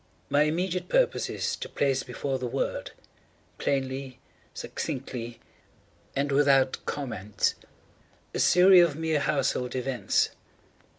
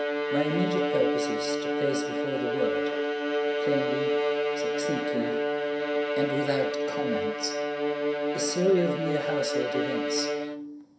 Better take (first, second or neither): first